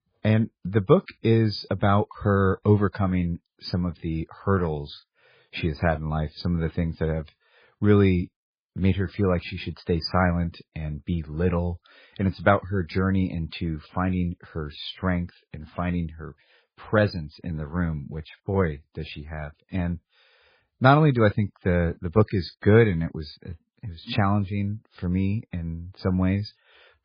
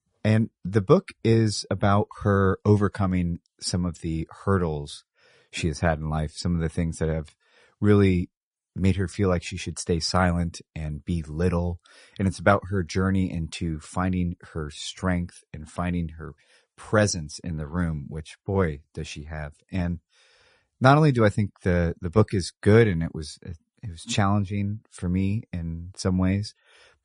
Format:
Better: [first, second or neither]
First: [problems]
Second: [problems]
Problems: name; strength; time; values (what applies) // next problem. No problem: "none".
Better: second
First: garbled, watery; badly; nothing above 5 kHz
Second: garbled, watery; slightly; nothing above 10 kHz